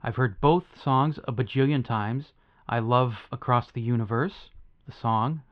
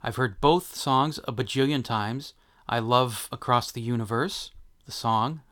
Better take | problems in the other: second | muffled; very; fading above 2.5 kHz

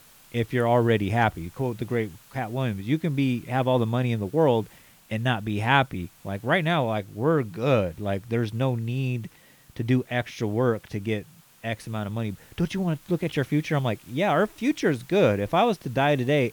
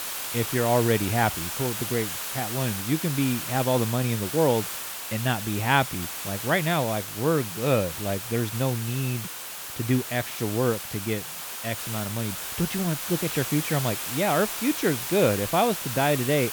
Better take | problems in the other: first | hiss; loud; throughout; 4 dB below the speech; faint in the first

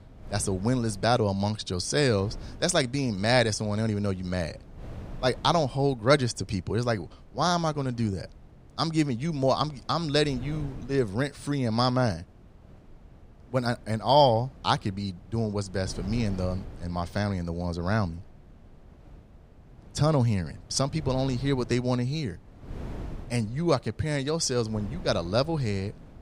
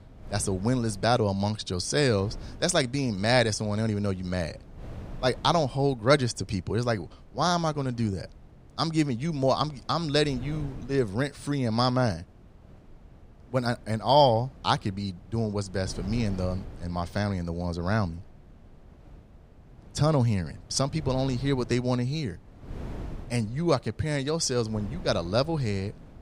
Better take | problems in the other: neither | wind noise on the microphone; occasional gusts; 25 dB below the speech; the same in both

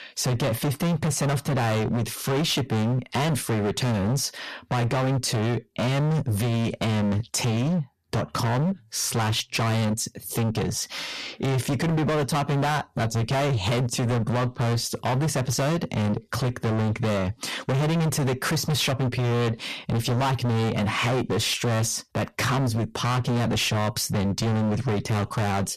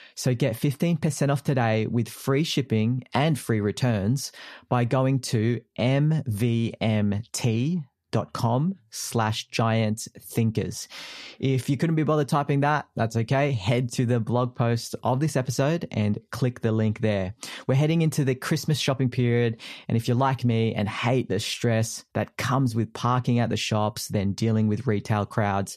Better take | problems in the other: second | distortion; heavy; 34% of the sound clipped

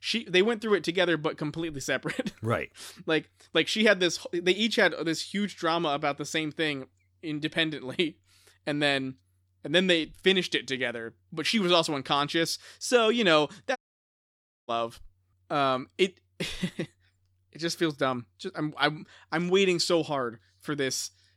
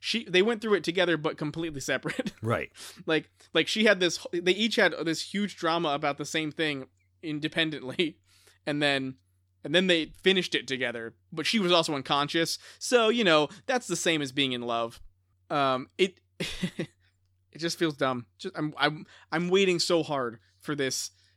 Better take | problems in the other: second | audio cutting out; at 14 s for 1 s

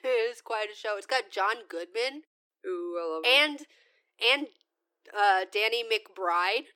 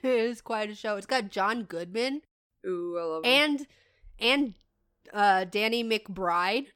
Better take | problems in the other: second | thin; somewhat; fading below 300 Hz

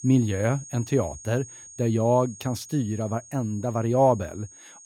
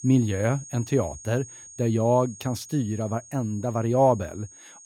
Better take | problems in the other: neither | high-pitched whine; noticeable; throughout; 6.5 kHz, 15 dB below the speech; the same in both

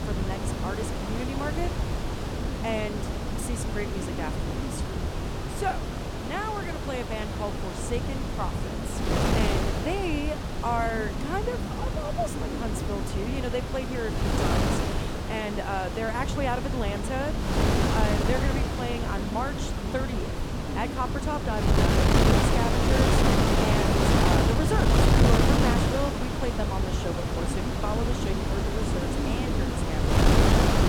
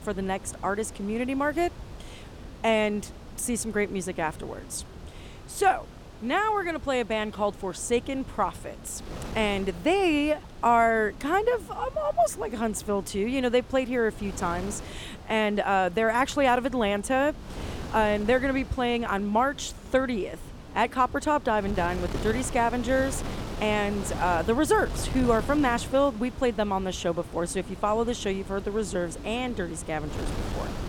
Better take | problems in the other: second | wind noise on the microphone; heavy; 2 dB above the speech; occasional gusts in the second

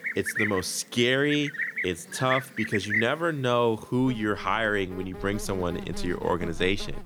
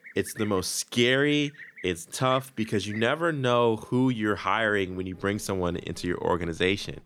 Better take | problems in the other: second | animal sounds; loud; throughout; 5 dB below the speech; faint in the second

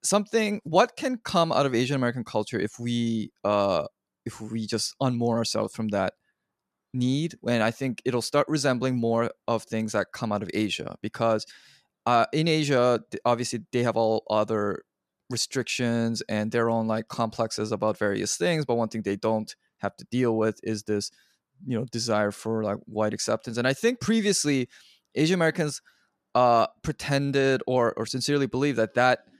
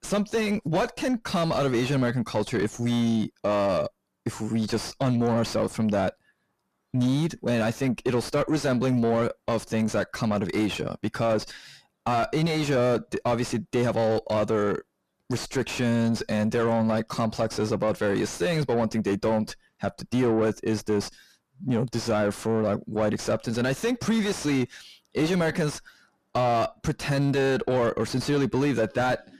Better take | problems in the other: first | distortion; heavy; 6 dB below the speech

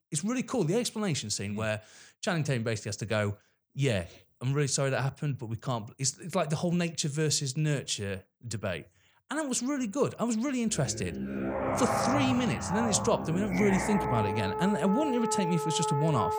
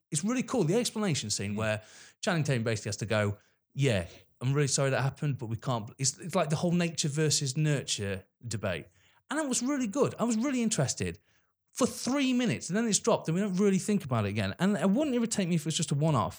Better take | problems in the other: second | background music; loud; from 11 s on; 2 dB below the speech

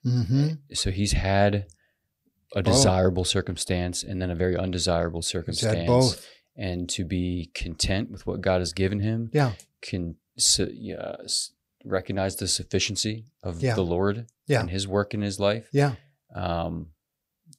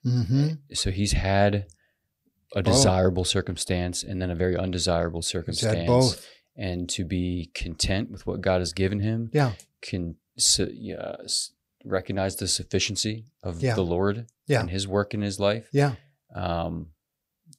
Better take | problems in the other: neither | none

